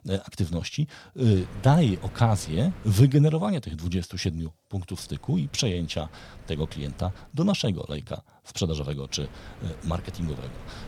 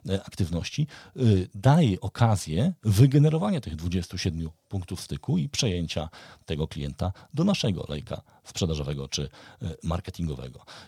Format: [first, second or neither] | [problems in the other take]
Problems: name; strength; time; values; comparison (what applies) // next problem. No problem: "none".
second | wind noise on the microphone; occasional gusts; from 1.5 to 3 s, from 5 to 7.5 s and from 9 s on; 20 dB below the speech